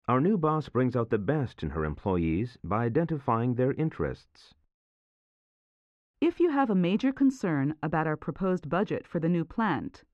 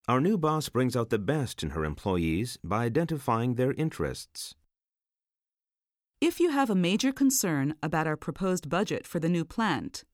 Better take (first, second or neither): second